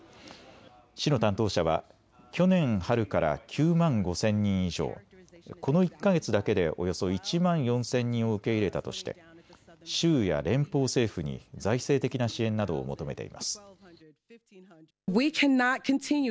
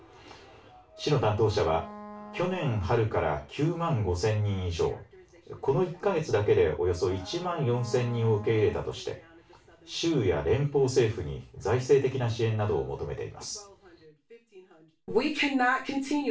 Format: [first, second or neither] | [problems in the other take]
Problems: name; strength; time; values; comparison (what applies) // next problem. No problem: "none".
first | background sound (Wind instrument, woodwind instrument); 19 dB below the speech // room echo; dies away in 0.3 s